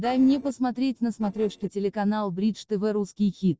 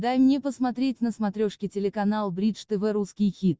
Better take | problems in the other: second | noise reduction (neural separator model SepFormer DNS4)

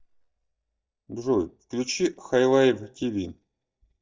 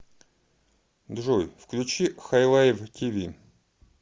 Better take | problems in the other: second | noise reduction (neural mask model DeepFilterNet 3)

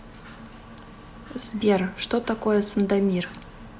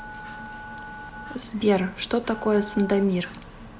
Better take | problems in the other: first | background sound (Telephone); 16 dB below the speech

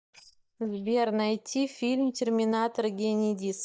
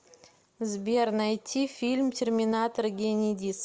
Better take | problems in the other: second | noise reduction (neural mask model DeepFilterNet 3)

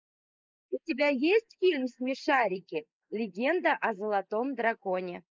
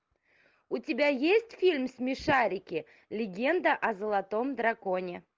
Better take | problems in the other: second | noise reduction (neural mask model Resemble Enhance denoiser)

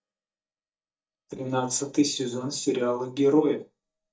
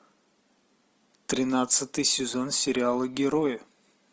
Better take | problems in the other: second | noise reduction (neural mask model DeepFilterNet 3)

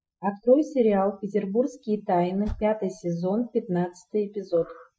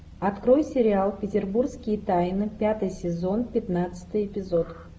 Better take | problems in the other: second | noise reduction (classical method Wiener filter)

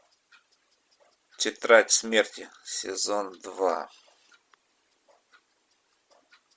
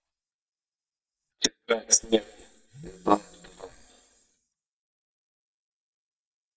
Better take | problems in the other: first | noise reduction (neural mask model DeepFilterNet 3)

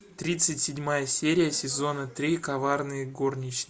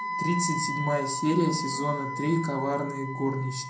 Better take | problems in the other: first | background sound (Wind instrument, woodwind instrument); 5 dB below the speech // room echo; dies away in 0.6 s

